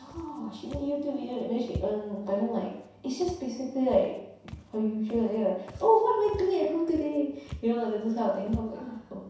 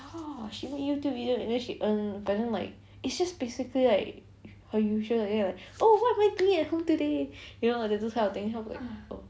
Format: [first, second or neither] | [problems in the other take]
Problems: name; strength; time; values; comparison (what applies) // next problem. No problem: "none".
second | background sound (Walk, footsteps); 16 dB below the speech // room echo; dies away in 0.7 s